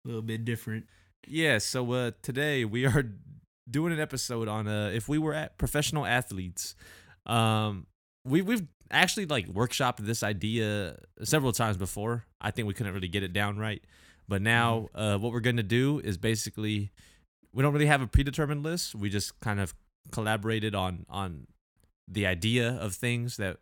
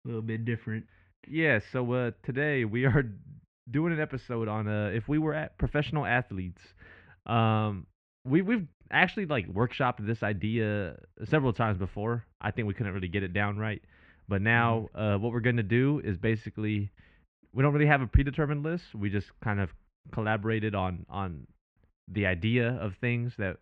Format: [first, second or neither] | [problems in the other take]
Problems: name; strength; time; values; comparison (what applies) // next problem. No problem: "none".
first | muffled; very; fading above 2.5 kHz